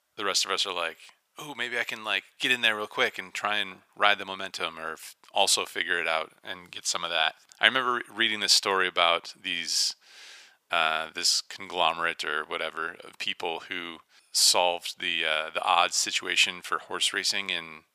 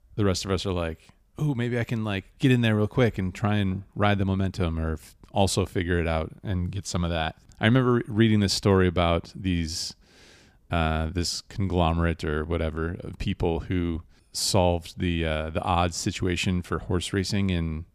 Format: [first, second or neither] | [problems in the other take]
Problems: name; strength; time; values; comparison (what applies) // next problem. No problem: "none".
second | thin; very; fading below 950 Hz